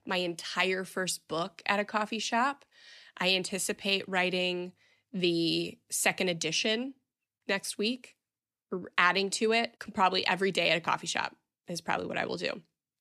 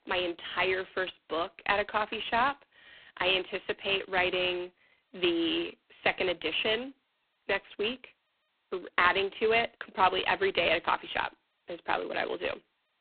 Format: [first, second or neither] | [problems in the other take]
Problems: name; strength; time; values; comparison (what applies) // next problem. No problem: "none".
first | phone-call audio; poor line